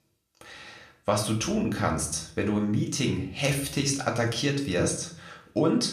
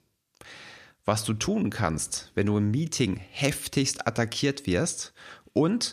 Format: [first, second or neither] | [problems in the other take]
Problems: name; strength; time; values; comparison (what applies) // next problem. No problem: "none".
second | room echo; slight; dies away in 0.5 s // off-mic speech; somewhat distant